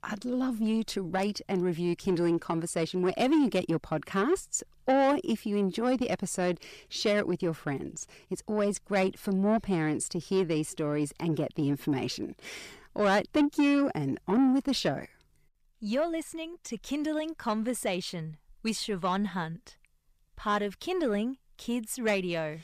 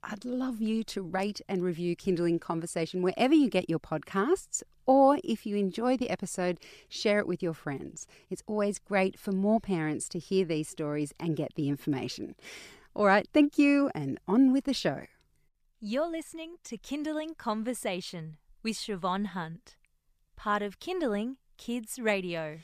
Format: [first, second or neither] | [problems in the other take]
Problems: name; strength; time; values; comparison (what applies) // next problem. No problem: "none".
second | distortion; slight; 10 dB below the speech